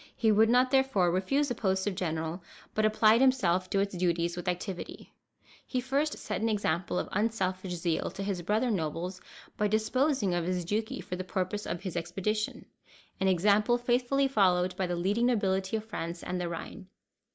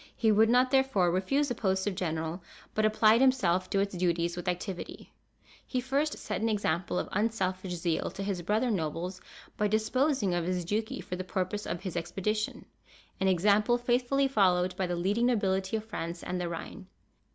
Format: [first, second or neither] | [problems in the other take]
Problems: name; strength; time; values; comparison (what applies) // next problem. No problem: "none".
second | noise reduction (neural mask model Resemble Enhance denoiser)